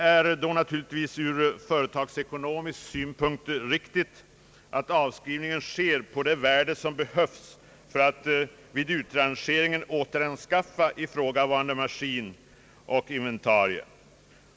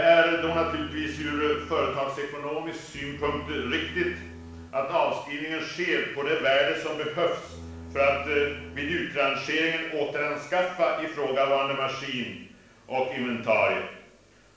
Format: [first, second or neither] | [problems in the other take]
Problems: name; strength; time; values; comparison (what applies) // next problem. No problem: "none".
first | background sound (Bowed string instrument); 15 dB below the speech // room echo; dies away in 0.7 s